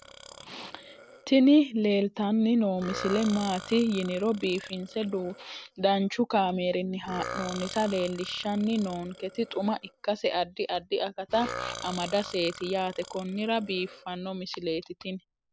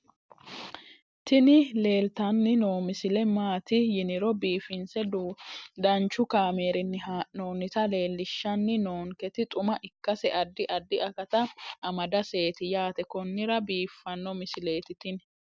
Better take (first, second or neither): second